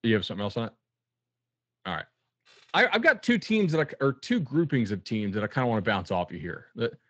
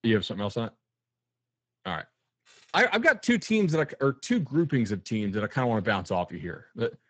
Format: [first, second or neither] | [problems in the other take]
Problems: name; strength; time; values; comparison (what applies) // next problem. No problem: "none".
first | garbled, watery; badly; nothing above 7.5 kHz; slightly in the first